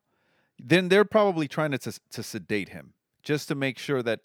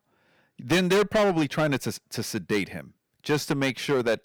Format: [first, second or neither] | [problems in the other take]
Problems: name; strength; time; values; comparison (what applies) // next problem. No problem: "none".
first | distortion; heavy; 8% of the sound clipped